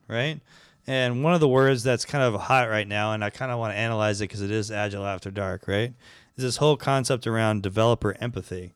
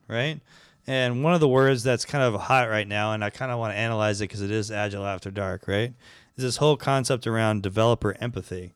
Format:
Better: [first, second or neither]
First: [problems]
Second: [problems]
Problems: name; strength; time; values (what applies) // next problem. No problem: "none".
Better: neither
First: none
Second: none